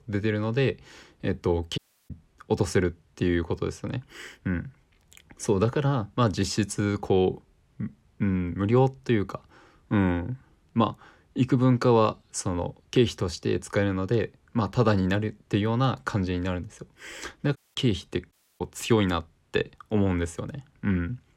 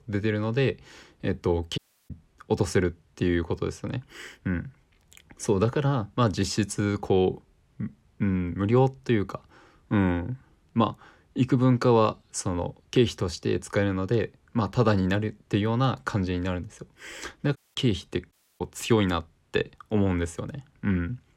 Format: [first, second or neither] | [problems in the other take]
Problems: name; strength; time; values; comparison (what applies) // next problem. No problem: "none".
neither | audio cutting out; at 2 s and at 18 s; the same in both